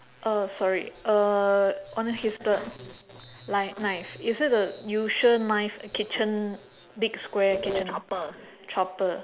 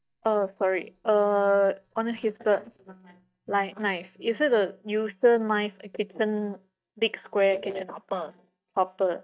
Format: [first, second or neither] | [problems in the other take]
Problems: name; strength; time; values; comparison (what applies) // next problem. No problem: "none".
first | noise reduction (neural mask model DeepFilterNet 3)